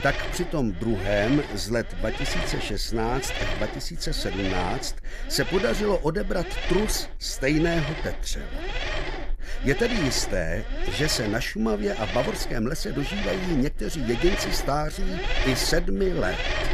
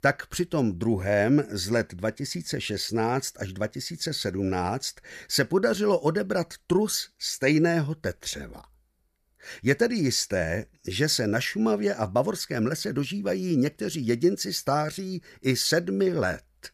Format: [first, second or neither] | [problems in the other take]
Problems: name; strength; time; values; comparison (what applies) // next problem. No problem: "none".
second | low rumble; loud; throughout; 4 dB below the speech